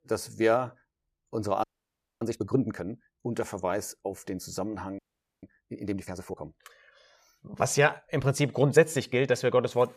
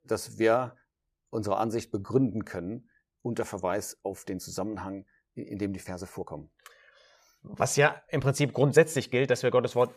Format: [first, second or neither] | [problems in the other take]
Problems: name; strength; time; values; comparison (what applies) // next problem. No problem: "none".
second | audio freezing; at 1.5 s for 0.5 s and at 5 s